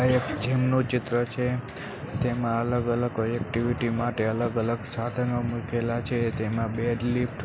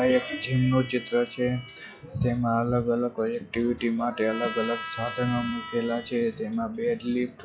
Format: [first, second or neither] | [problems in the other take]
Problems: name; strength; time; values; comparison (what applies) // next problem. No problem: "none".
first | noise reduction (classical method log-MMSE)